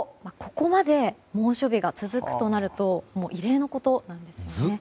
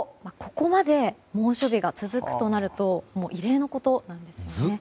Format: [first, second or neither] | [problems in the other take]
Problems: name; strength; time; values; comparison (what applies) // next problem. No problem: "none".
first | background sound (Hi-hat); 18 dB below the speech